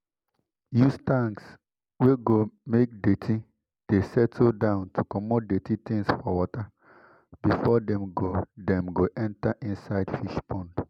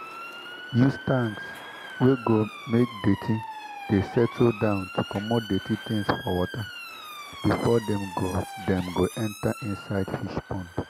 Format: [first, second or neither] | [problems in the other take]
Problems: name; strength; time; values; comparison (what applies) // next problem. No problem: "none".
first | background sound (Motor vehicle (road) / Siren); 13 dB below the speech